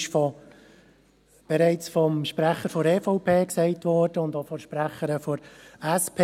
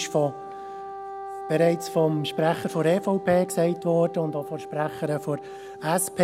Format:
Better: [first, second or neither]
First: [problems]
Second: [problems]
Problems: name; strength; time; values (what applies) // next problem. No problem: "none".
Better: first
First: none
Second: background sound (Wind instrument, woodwind instrument); 12 dB below the speech